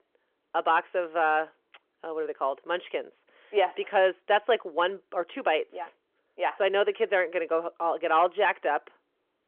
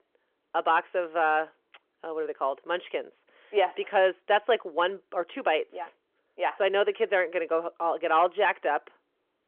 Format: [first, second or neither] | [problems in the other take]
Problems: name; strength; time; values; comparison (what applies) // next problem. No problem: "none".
neither | phone-call audio; nothing above 3 kHz; the same in both